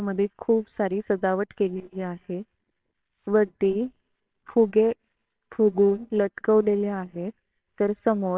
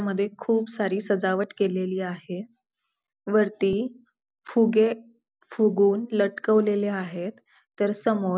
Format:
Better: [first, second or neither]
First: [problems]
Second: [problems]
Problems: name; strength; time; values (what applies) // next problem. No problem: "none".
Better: second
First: noise reduction (neural separator model SepFormer WHAMR!)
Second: none